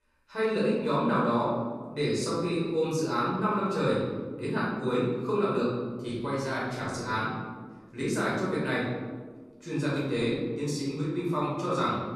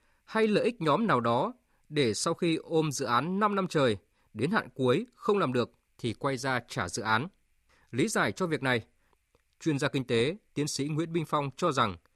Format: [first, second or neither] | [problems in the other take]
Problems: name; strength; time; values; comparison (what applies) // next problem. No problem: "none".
second | room echo; noticeable; dies away in 1.5 s // off-mic speech; far